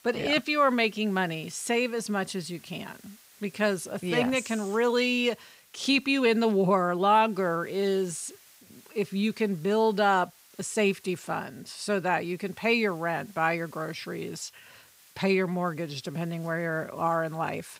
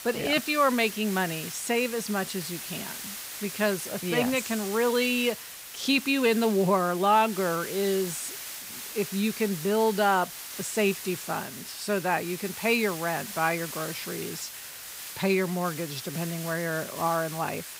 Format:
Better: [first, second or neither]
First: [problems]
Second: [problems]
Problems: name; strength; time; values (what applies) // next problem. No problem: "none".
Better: first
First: hiss; faint; throughout; 25 dB below the speech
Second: hiss; loud; throughout; 9 dB below the speech